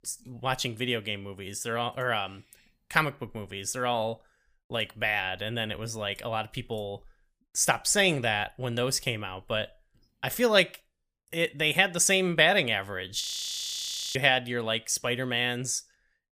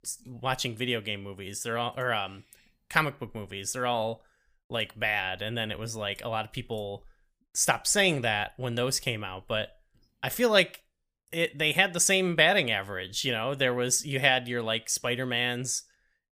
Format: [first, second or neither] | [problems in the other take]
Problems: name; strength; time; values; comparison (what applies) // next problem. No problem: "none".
second | audio freezing; at 13 s for 1 s